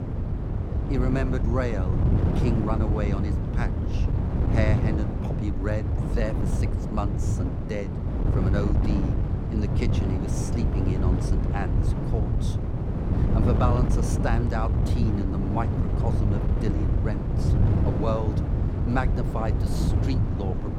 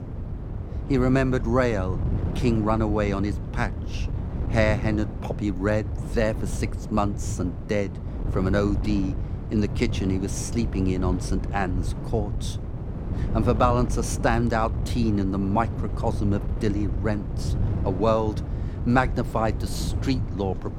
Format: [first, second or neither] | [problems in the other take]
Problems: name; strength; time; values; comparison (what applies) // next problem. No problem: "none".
second | wind noise on the microphone; heavy; 1 dB below the speech; occasional gusts in the second